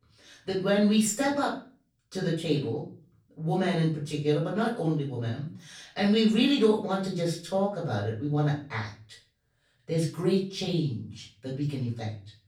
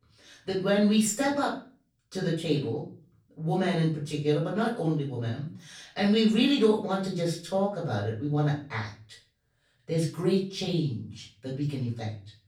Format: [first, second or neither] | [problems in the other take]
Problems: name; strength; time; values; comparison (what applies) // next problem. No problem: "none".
neither | off-mic speech; far; the same in both // room echo; slight; dies away in 0.4 s; the same in both